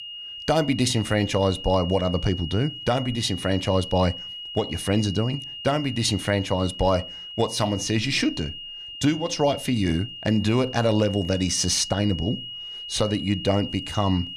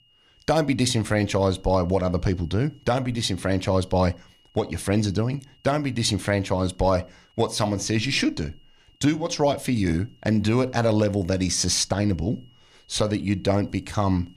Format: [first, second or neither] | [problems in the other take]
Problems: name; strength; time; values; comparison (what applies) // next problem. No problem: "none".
second | high-pitched whine; loud; throughout; 3 kHz, 10 dB below the speech; faint in the second